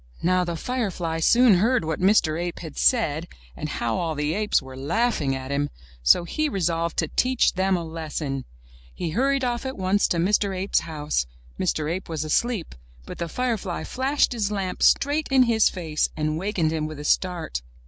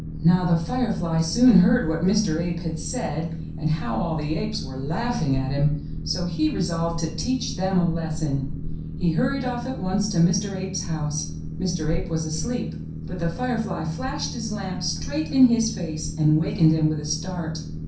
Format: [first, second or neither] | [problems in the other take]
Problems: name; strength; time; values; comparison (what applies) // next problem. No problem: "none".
first | background sound (Boat, Water vehicle); 7 dB below the speech // room echo; dies away in 0.6 s